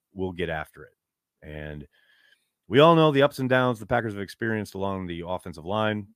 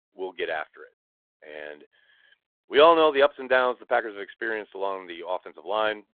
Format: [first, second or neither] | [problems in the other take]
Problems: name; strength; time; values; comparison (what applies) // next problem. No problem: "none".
first | phone-call audio; nothing above 3.5 kHz